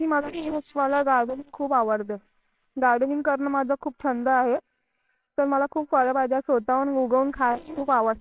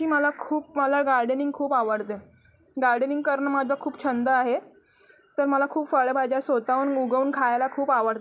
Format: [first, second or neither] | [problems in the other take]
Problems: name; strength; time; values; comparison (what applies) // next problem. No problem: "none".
second | noise reduction (neural separator model SepFormer WHAMR!)